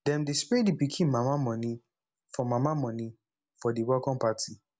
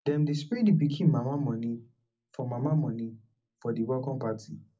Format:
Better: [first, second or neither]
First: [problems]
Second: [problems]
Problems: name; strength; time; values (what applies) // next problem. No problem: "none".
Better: first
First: none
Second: room echo; dies away in 0.4 s